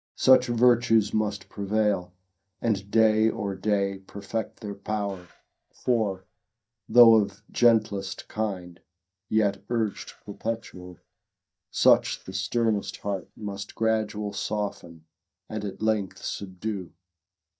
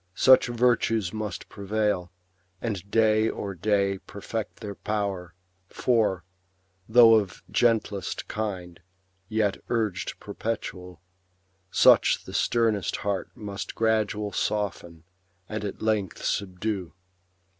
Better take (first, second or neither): second